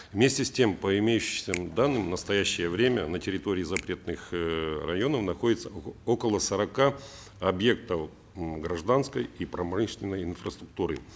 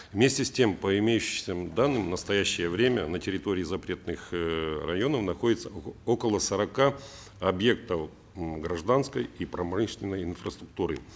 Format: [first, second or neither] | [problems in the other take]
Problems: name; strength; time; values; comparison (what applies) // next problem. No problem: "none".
second | background sound (Finger snapping); 16 dB below the speech